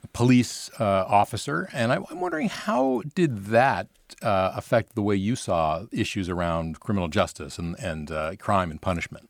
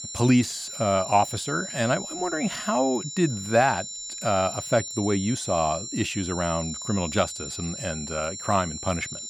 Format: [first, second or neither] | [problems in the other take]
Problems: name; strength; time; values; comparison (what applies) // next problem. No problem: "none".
first | high-pitched whine; loud; throughout; 7.5 kHz, 8 dB below the speech